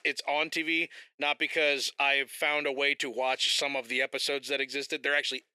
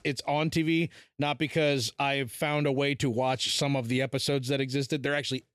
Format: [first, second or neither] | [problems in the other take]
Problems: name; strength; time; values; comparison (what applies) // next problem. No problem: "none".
second | thin; somewhat; fading below 400 Hz